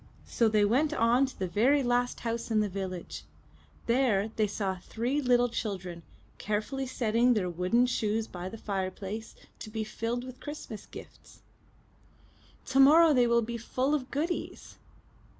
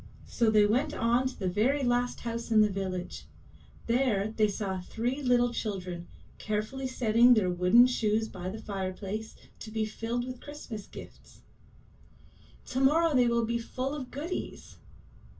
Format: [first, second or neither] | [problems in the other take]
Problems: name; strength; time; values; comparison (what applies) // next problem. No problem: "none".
first | room echo; dies away in 0.1 s